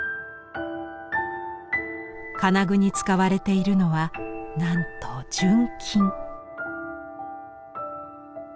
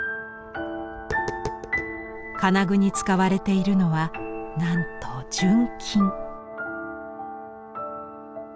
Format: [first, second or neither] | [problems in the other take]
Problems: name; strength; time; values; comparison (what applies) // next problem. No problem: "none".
first | background sound (Brass instrument + Tap); 15 dB below the speech